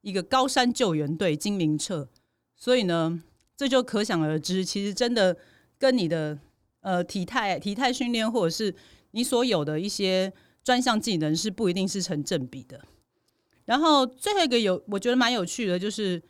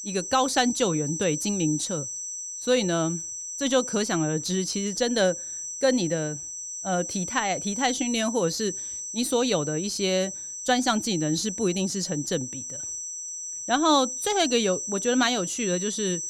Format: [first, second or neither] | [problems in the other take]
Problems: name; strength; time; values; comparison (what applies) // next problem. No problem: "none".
first | high-pitched whine; loud; throughout; 6 kHz, 6 dB below the speech